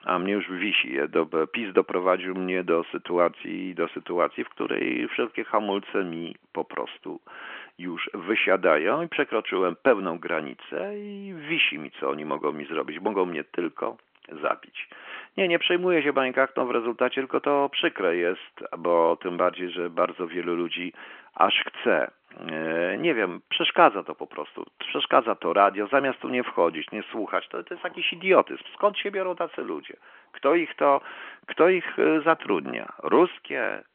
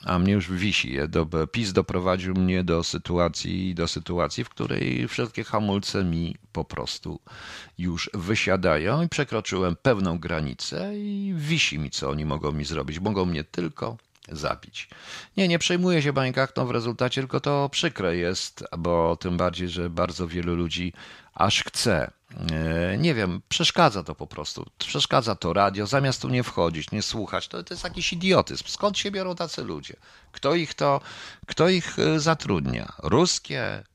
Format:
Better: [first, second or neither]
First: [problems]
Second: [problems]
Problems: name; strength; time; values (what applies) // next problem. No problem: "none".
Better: second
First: phone-call audio; nothing above 3 kHz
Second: none